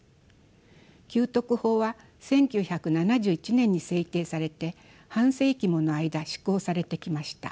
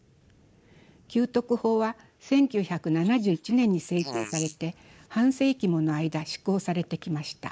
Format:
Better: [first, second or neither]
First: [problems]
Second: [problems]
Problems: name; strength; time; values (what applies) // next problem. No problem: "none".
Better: first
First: none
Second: noise reduction (neural mask model Resemble Enhance denoiser)